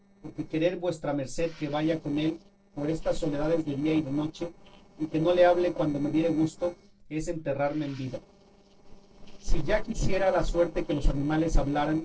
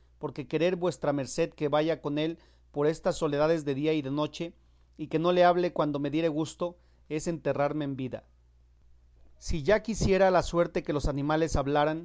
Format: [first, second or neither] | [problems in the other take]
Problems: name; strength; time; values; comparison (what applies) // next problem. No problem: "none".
second | noise reduction (neural separator model SepFormer DNS4)